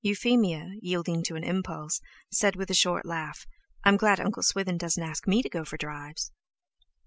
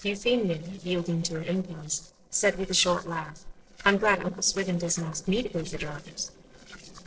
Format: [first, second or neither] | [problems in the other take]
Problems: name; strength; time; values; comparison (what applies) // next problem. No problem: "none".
first | noise reduction (neural separator model SepFormer DNS4)